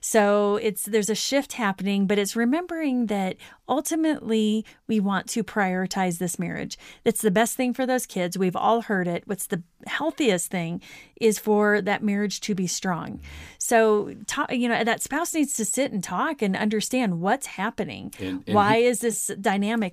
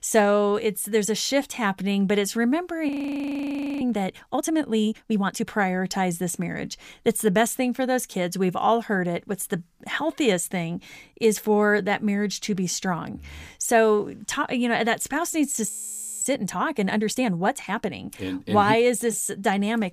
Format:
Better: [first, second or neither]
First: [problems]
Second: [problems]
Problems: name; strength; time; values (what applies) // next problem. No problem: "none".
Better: first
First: none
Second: audio freezing; at 3 s for 1 s and at 16 s for 0.5 s